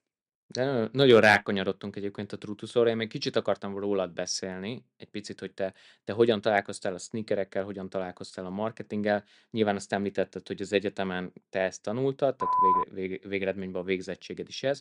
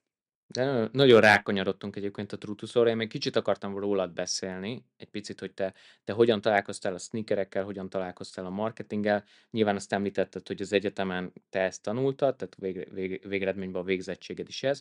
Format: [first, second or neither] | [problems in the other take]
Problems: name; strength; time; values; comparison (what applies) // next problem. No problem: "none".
second | phone ringing; loud; at 12 s; peak 6 dB above the speech